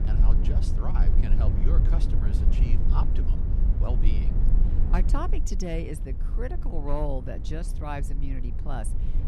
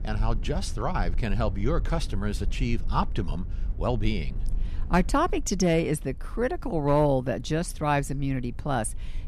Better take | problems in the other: second | low rumble; loud; throughout; 6 dB below the speech; faint in the second

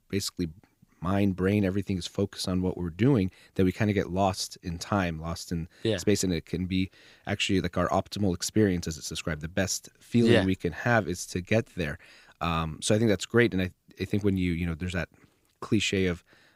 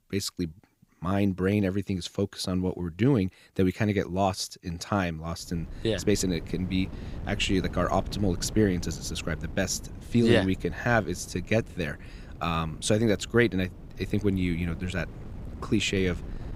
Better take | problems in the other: first | wind noise on the microphone; occasional gusts; from 5.5 s on; 20 dB below the speech

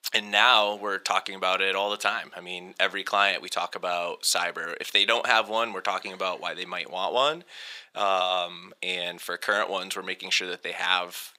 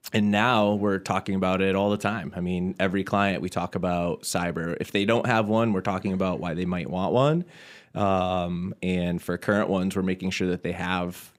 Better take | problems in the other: second | thin; very; fading below 850 Hz

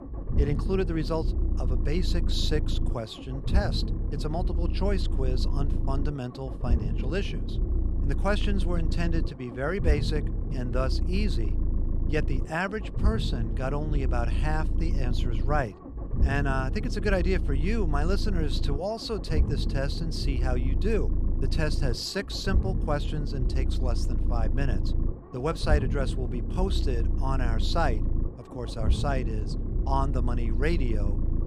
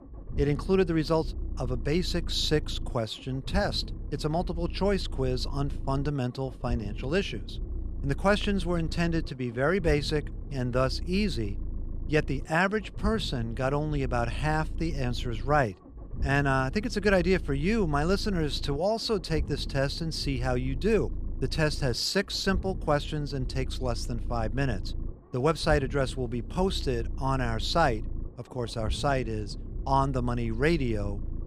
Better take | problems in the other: second | low rumble; loud; throughout; 9 dB below the speech; faint in the second

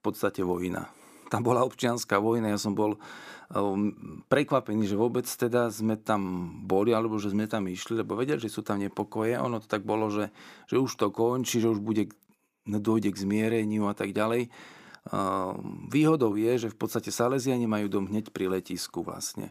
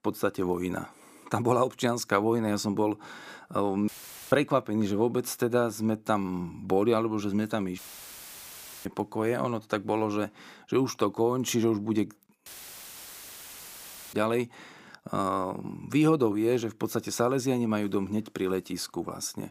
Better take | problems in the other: first | audio cutting out; filled with static; at 4 s, at 8 s for 1 s and at 12 s for 1.5 s

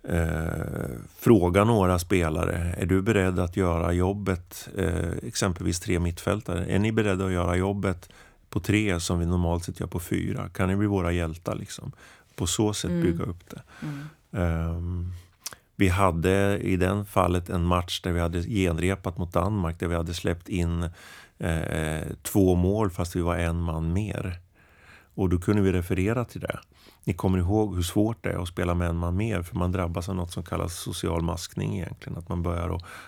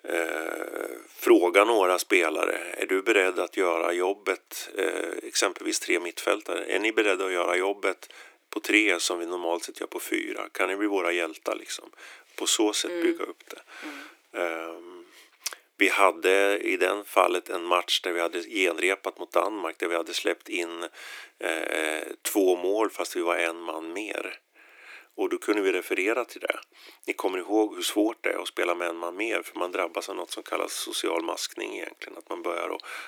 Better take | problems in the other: first | thin; very; fading below 300 Hz

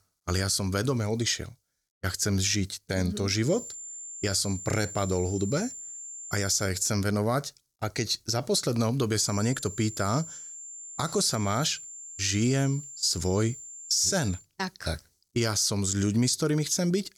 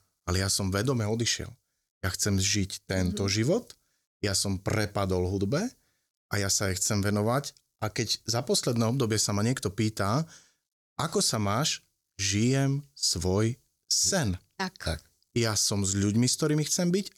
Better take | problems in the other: second | high-pitched whine; noticeable; from 3.5 to 6.5 s and from 9 to 14 s; 7.5 kHz, 10 dB below the speech

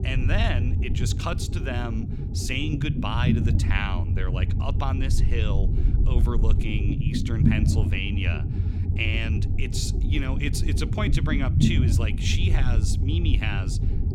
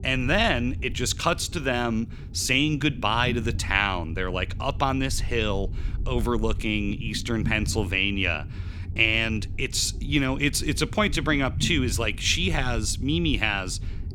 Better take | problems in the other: second | low rumble; loud; throughout; 5 dB below the speech; faint in the second

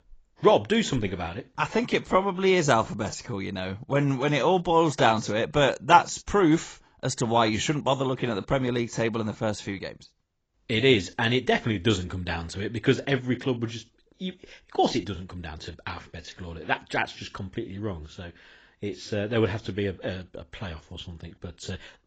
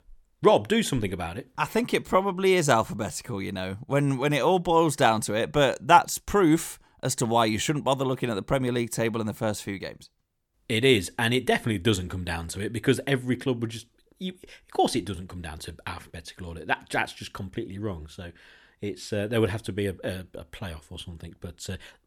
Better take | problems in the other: second | garbled, watery; badly; nothing above 7.5 kHz

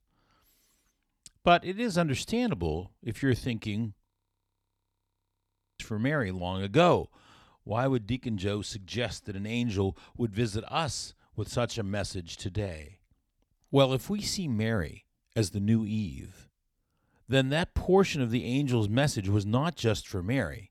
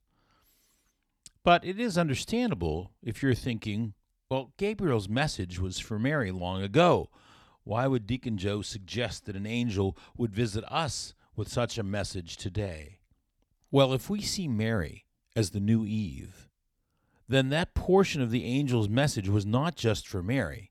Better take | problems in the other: second | audio freezing; at 4 s for 1.5 s

